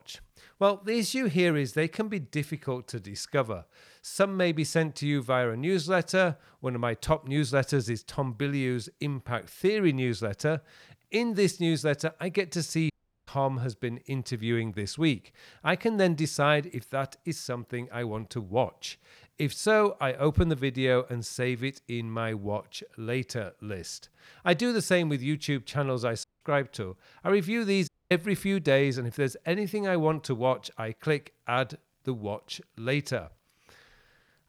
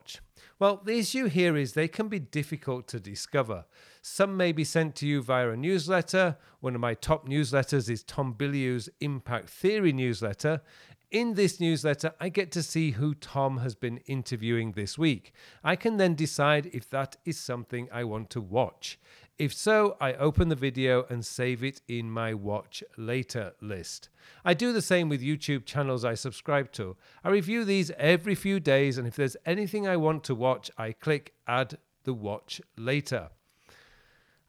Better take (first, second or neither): second